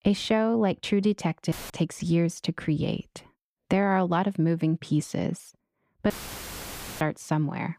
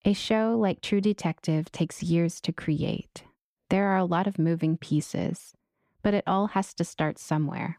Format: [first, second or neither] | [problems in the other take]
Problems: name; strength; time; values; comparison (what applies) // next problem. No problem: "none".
second | audio cutting out; filled with static; at 1.5 s and at 6 s for 1 s